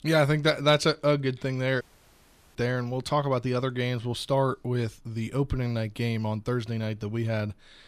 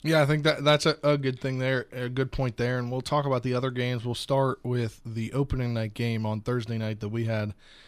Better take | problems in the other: second | audio cutting out; at 2 s for 0.5 s

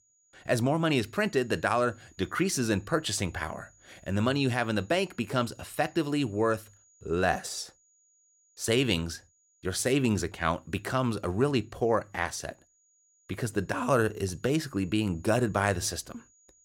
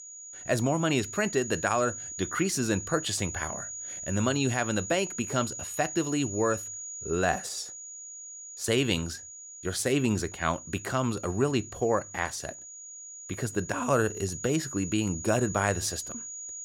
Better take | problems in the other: first | high-pitched whine; loud; throughout; 7 kHz, 9 dB below the speech; faint in the first

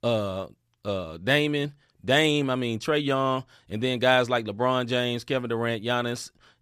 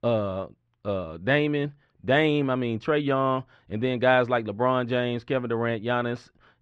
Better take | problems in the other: first | muffled; very; fading above 2 kHz

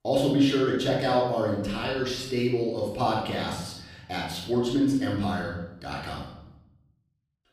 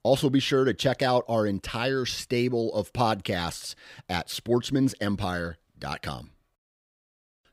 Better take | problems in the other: second | off-mic speech; far // room echo; noticeable; dies away in 0.8 s

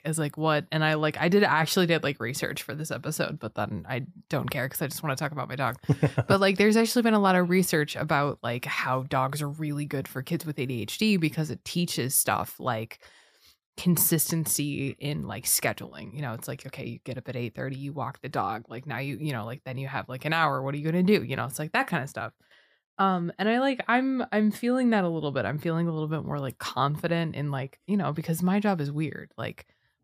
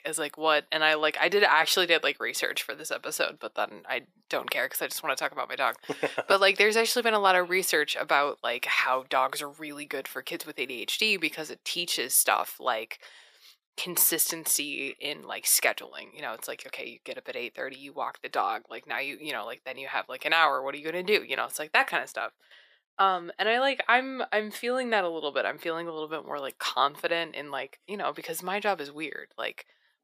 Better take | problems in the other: first | thin; very; fading below 400 Hz

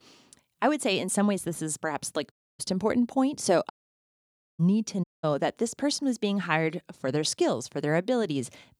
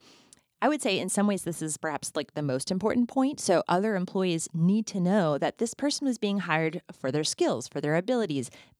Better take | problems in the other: second | audio cutting out; at 2.5 s, at 3.5 s for 1 s and at 5 s

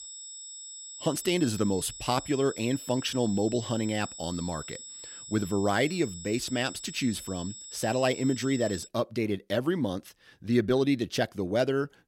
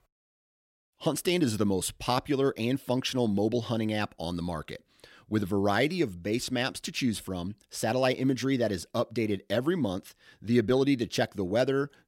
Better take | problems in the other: second | high-pitched whine; noticeable; until 9 s; 8 kHz, 10 dB below the speech

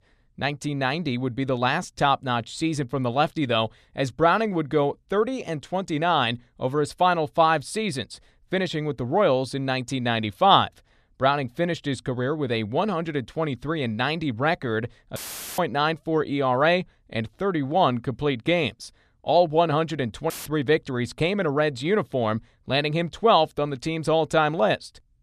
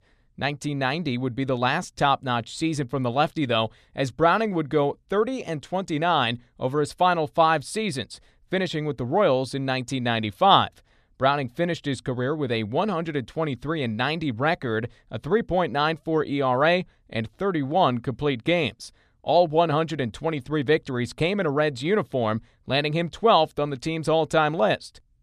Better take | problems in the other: second | audio cutting out; filled with static; at 15 s and at 20 s

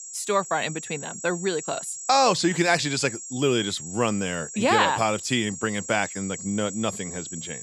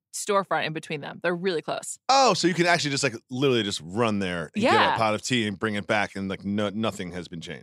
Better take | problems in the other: second | high-pitched whine; noticeable; throughout; 7.5 kHz, 10 dB below the speech

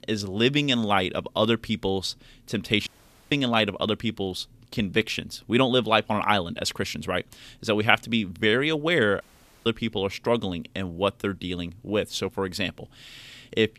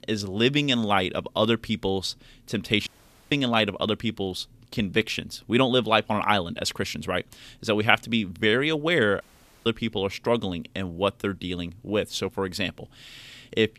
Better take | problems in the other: neither | audio cutting out; at 3 s and at 9 s; the same in both

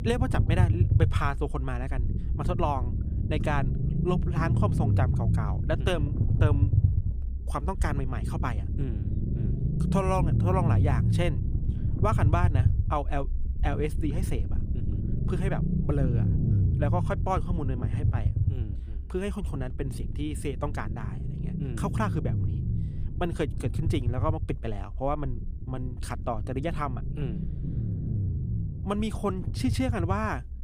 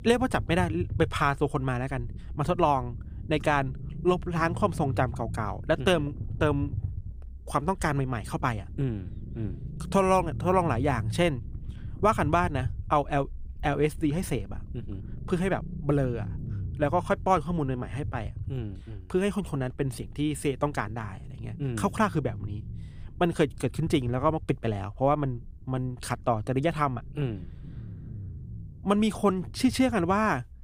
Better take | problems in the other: second | low rumble; loud; throughout; 8 dB below the speech; faint in the second

